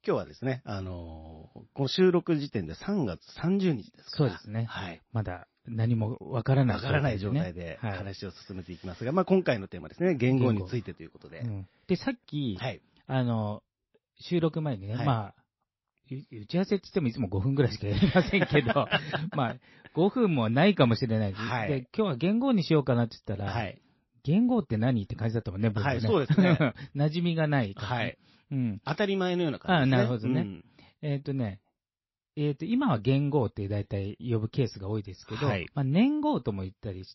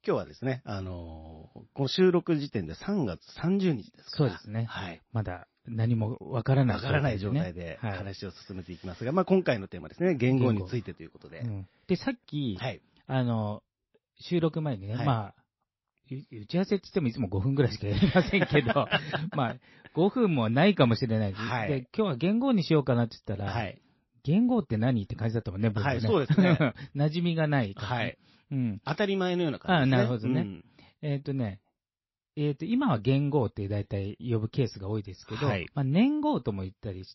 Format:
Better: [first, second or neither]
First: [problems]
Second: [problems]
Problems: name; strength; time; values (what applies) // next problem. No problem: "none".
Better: neither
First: garbled, watery; slightly; nothing above 5.5 kHz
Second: garbled, watery; slightly; nothing above 5.5 kHz